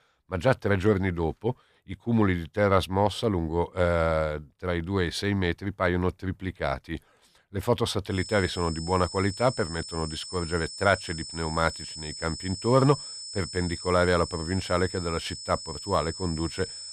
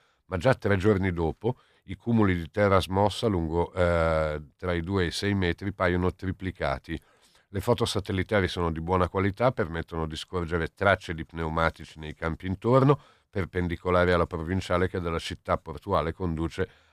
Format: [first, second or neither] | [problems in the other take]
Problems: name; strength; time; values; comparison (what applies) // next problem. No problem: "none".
second | high-pitched whine; loud; from 8 s on; 5.5 kHz, 9 dB below the speech